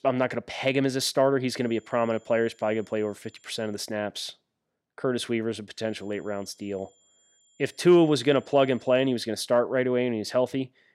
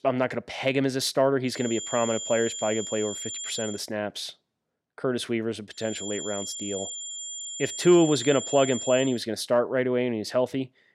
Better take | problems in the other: first | high-pitched whine; loud; from 1.5 to 3.5 s and from 6 to 9 s; 7 kHz, 7 dB below the speech; faint in the first

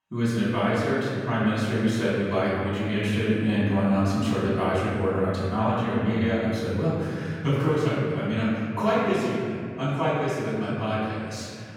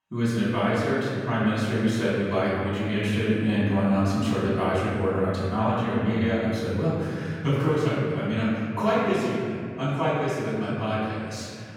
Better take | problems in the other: neither | off-mic speech; far; the same in both // room echo; strong; dies away in 2.2 s; the same in both

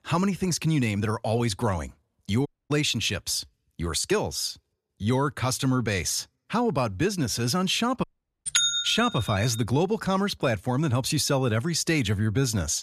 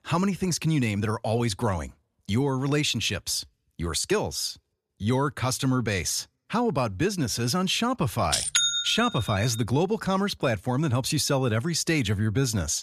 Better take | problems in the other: second | audio cutting out; at 2.5 s and at 8 s

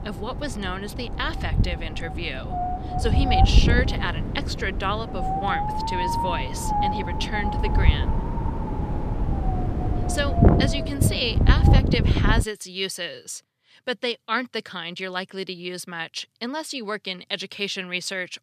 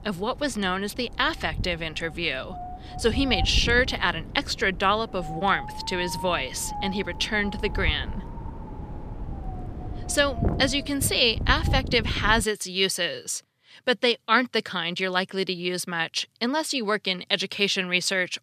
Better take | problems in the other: second | wind noise on the microphone; heavy; until 12 s; as loud as the speech; occasional gusts in the second

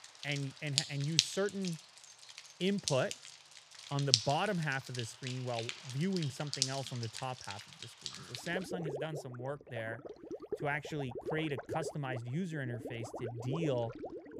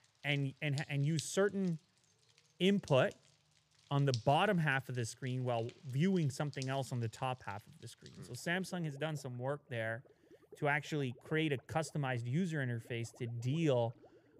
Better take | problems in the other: second | rain or running water; loud; throughout; 1 dB below the speech; faint in the second

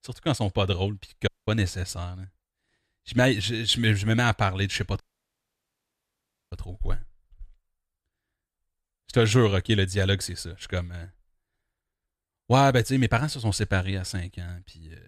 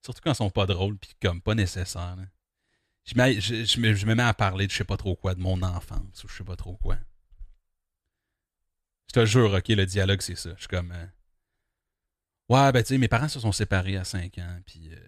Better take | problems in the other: second | audio cutting out; at 1.5 s and at 5 s for 1.5 s

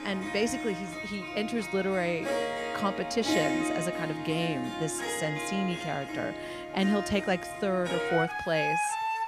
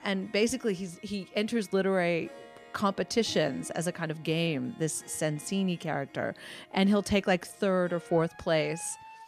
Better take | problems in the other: second | background music; loud; throughout; 2 dB below the speech; faint in the second

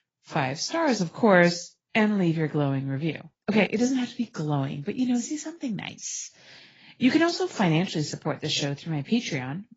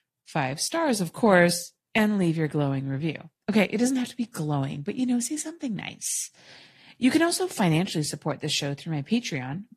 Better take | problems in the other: second | garbled, watery; badly; nothing above 7.5 kHz; slightly in the second

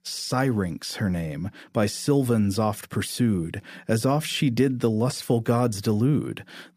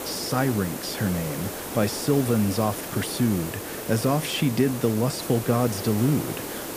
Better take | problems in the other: first | hiss; loud; throughout; 7 dB below the speech

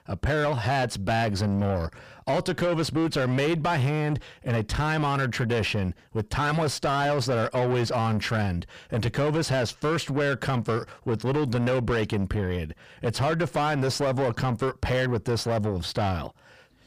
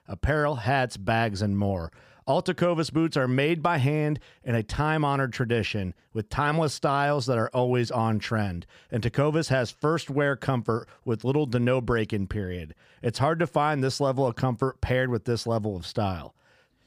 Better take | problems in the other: second | distortion; heavy; 7 dB below the speech

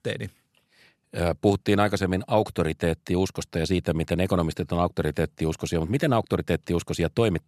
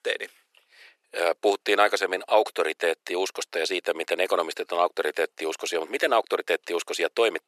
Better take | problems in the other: first | thin; very; fading below 400 Hz

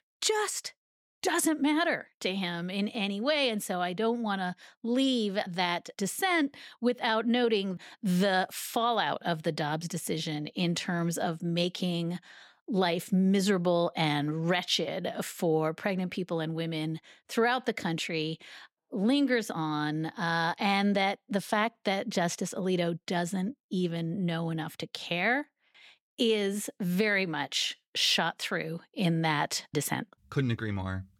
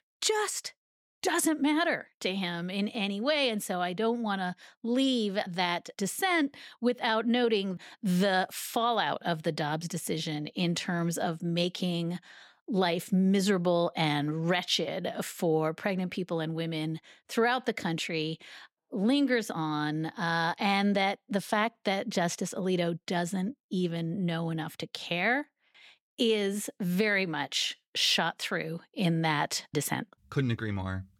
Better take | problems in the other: neither | none

